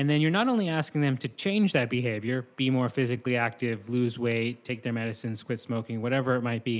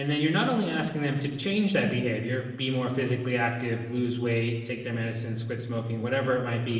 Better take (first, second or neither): first